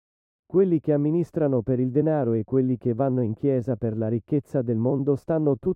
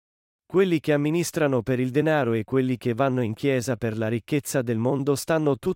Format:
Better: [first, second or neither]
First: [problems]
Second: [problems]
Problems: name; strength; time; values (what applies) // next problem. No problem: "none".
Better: second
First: muffled; very; fading above 1.5 kHz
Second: none